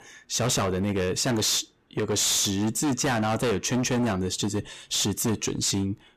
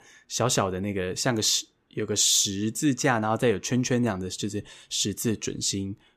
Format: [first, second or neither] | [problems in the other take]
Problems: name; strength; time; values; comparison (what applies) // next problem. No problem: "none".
second | distortion; heavy; 23% of the sound clipped